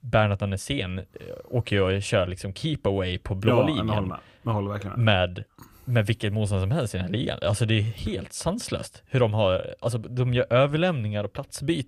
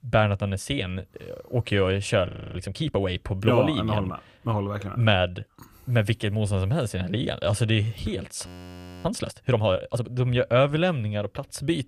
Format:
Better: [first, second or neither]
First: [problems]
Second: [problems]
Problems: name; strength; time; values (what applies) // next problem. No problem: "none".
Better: first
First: none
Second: audio freezing; at 2.5 s and at 8.5 s for 0.5 s